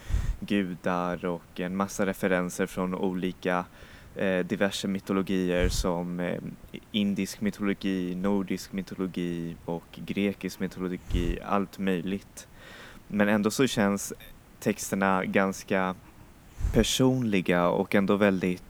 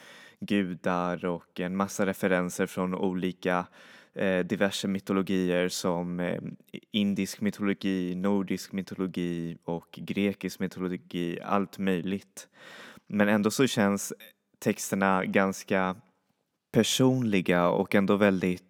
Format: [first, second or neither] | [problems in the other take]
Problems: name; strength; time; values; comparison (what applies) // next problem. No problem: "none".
second | hiss; noticeable; throughout; 15 dB below the speech